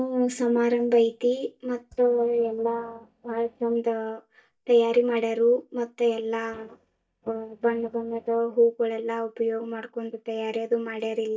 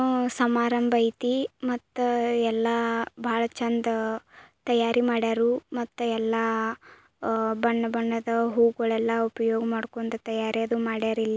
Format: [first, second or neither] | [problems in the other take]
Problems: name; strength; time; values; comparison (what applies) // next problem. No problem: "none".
second | noise reduction (neural mask model DeepFilterNet 3)